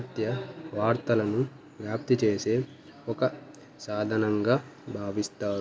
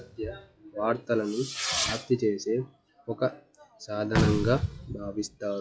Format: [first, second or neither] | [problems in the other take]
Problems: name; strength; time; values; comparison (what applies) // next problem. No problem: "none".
first | noise reduction (classical method log-MMSE)